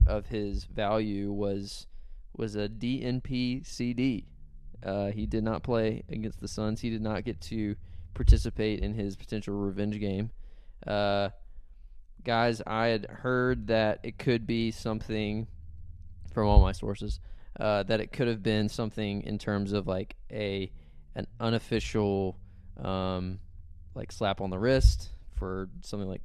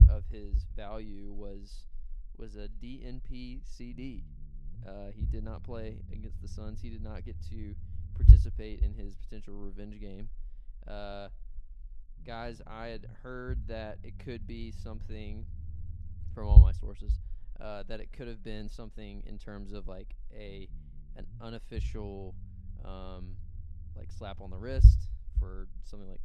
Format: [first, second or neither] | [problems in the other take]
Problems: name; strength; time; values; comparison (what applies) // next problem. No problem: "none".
first | low rumble; loud; throughout; 1 dB below the speech; faint in the first